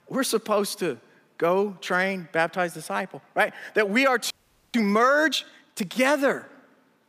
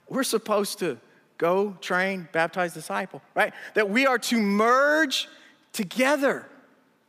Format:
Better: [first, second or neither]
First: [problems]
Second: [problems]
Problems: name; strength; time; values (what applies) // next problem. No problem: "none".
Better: second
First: audio freezing; at 4.5 s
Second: none